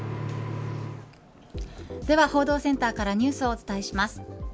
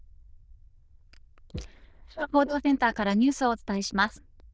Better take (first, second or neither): first